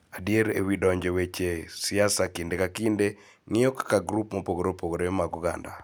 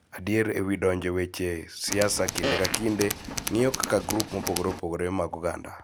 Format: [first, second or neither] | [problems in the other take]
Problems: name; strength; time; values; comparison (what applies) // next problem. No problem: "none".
first | background sound (Tools + Fart); 4 dB below the speech